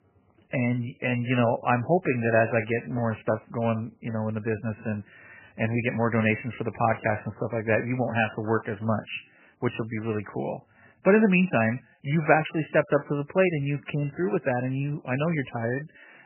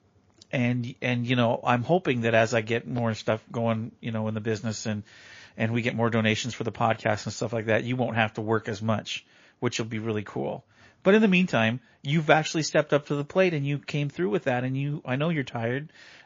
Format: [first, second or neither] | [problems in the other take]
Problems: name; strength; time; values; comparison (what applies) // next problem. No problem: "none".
second | garbled, watery; badly; nothing above 3 kHz; slightly in the second